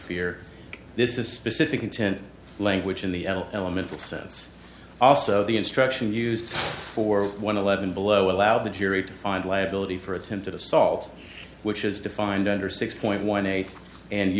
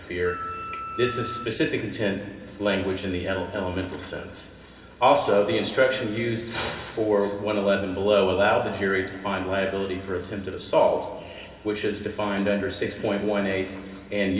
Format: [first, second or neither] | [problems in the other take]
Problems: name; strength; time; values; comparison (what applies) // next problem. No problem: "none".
first | background sound (Wind instrument, woodwind instrument); 10 dB below the speech // room echo; dies away in 1.8 s